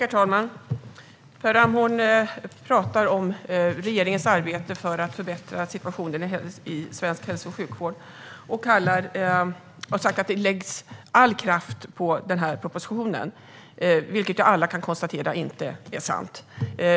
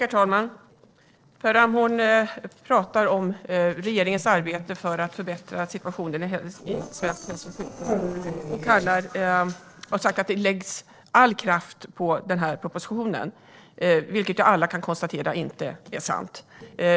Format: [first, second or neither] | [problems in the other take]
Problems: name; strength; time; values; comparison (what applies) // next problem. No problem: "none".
first | noise reduction (neural separator model SepFormer DNS4)